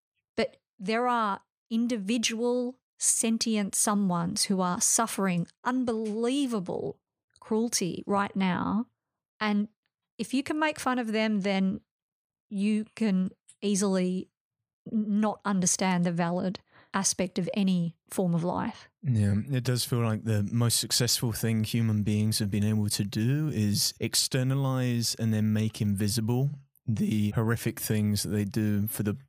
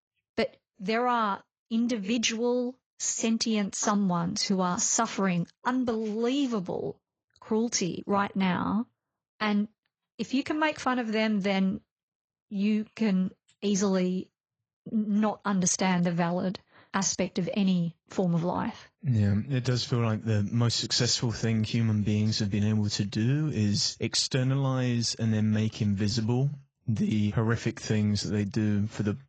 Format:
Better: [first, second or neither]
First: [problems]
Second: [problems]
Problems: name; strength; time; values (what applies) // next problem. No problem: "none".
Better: first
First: none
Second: garbled, watery; badly; nothing above 7.5 kHz